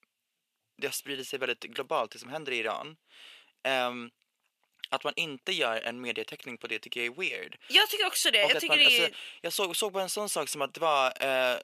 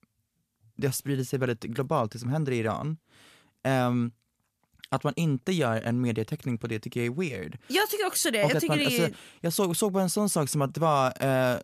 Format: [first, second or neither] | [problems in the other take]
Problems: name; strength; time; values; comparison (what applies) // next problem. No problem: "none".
second | thin; very; fading below 500 Hz